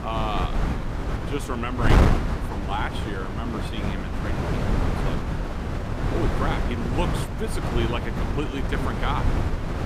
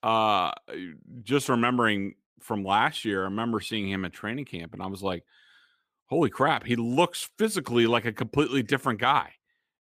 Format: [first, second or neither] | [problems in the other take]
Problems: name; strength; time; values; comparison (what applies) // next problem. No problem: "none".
second | wind noise on the microphone; heavy; as loud as the speech